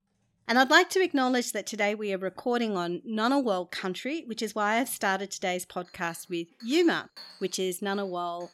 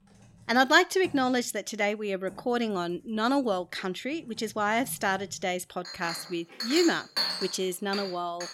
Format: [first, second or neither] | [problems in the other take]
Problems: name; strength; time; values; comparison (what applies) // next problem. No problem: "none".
first | household noises; loud; throughout; 6 dB below the speech; faint in the first